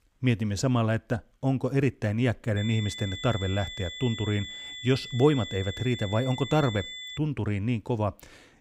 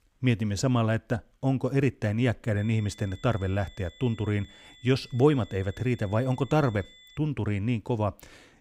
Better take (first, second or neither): second